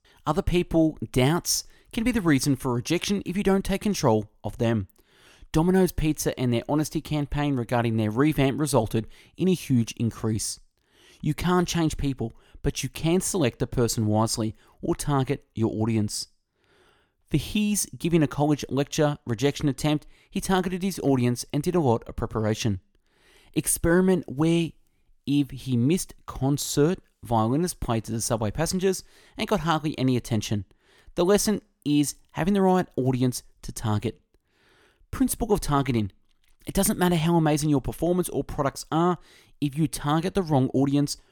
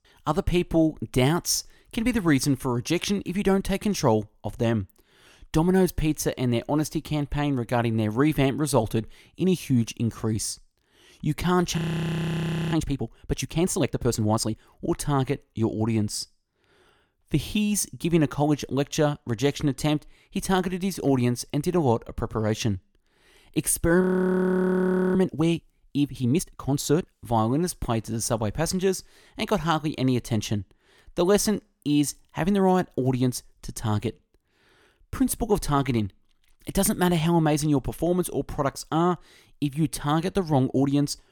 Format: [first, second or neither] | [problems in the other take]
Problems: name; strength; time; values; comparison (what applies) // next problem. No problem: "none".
first | audio freezing; at 12 s for 1 s and at 24 s for 1 s